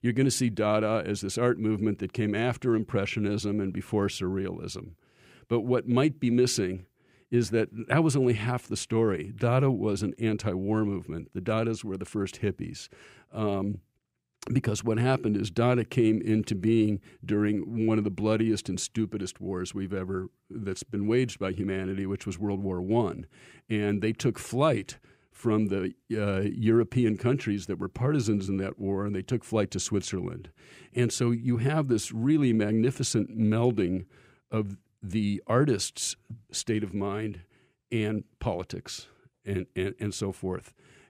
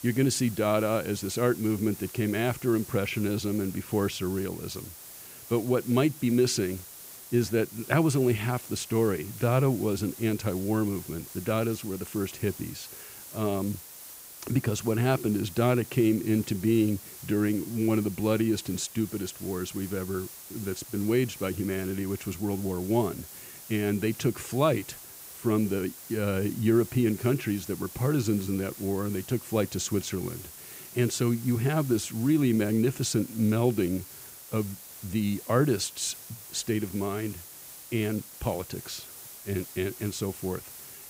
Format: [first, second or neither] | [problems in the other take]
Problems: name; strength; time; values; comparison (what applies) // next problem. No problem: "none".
first | hiss; noticeable; throughout; 15 dB below the speech